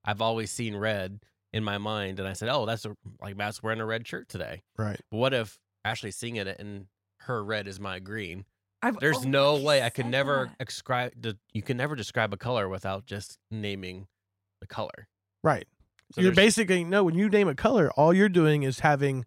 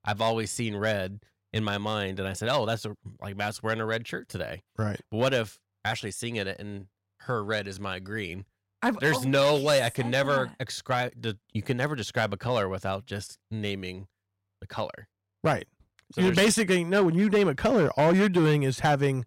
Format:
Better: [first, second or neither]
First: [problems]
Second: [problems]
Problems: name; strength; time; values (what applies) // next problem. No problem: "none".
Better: first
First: none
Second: distortion; slight; 3% of the sound clipped